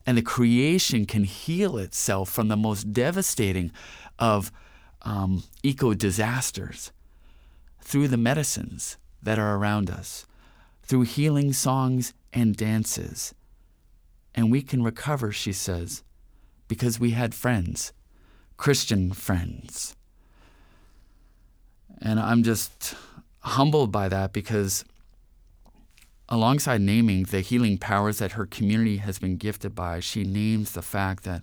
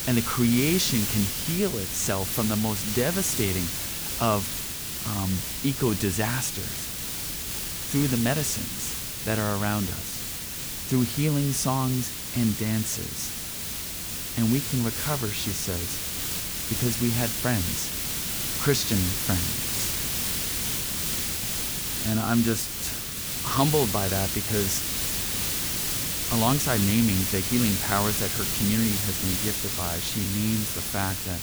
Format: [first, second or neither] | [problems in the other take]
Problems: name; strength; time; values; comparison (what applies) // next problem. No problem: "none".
first | hiss; loud; throughout; as loud as the speech